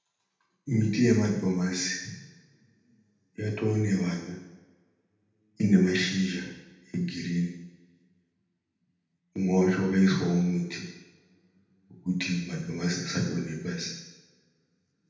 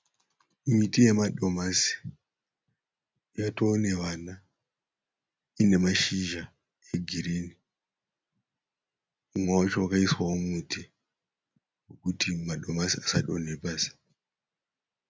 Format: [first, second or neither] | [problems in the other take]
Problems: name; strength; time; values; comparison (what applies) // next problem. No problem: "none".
second | room echo; dies away in 0.9 s